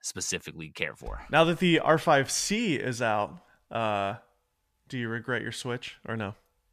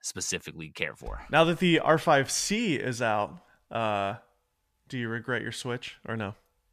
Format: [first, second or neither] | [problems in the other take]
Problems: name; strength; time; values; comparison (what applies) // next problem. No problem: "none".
neither | none